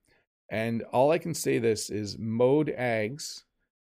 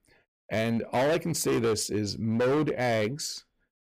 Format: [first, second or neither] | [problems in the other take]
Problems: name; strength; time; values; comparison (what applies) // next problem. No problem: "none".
first | distortion; heavy; 14% of the sound clipped